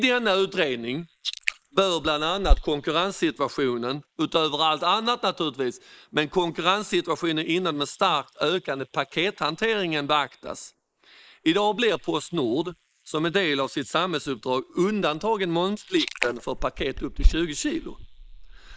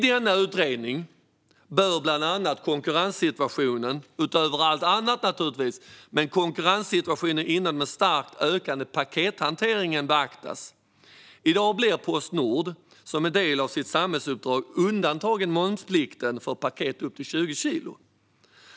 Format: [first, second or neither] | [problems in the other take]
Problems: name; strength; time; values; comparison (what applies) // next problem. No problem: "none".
second | noise reduction (neural mask model Resemble Enhance denoiser)